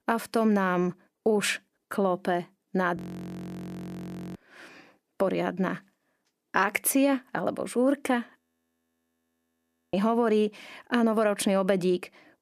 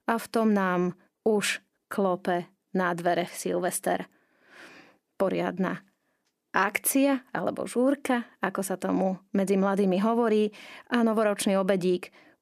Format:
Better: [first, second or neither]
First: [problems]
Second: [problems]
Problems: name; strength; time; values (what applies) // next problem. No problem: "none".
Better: second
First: audio freezing; at 3 s for 1.5 s and at 8.5 s for 1.5 s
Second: none